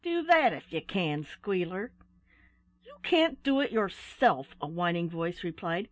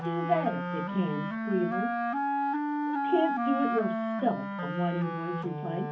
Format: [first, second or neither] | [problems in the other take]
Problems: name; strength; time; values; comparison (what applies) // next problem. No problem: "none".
first | background sound (Wind instrument, woodwind instrument); 1 dB above the speech // room echo; dies away in 0.3 s